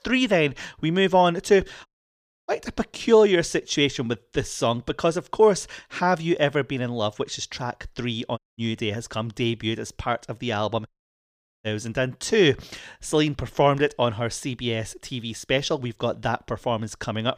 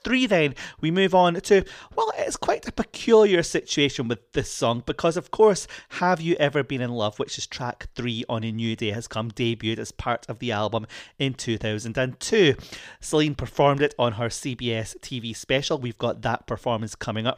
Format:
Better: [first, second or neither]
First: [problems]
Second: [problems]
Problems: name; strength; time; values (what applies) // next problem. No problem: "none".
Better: second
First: audio cutting out; at 2 s for 0.5 s, at 8.5 s and at 11 s for 1 s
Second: none